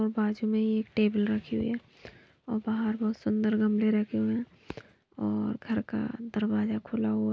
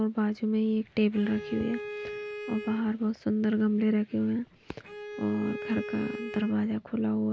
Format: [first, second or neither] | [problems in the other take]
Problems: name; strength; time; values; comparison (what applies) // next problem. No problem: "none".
first | background sound (Bowed string instrument); 11 dB below the speech